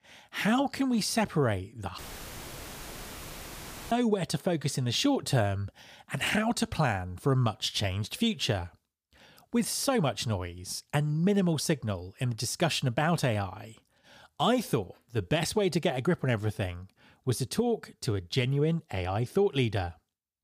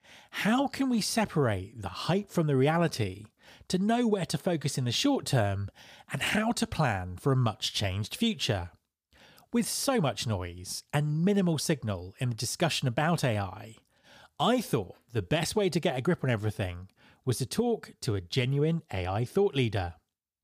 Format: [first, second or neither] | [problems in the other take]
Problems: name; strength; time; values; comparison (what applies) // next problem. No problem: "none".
second | audio cutting out; filled with static; at 2 s for 2 s